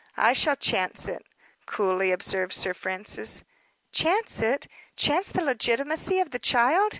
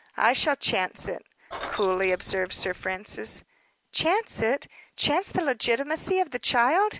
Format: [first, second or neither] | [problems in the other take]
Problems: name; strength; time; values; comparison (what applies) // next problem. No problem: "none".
first | background sound (Keys jangling); 13 dB below the speech